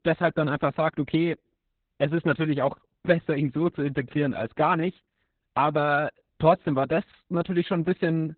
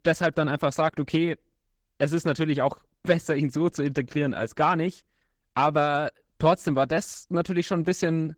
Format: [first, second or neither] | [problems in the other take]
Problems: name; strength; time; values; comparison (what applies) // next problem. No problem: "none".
second | garbled, watery; badly; nothing above 4 kHz; slightly in the second